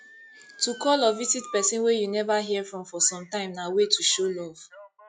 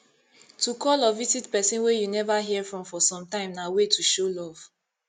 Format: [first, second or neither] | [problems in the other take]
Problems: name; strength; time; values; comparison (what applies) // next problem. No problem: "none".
second | noise reduction (classical method log-MMSE)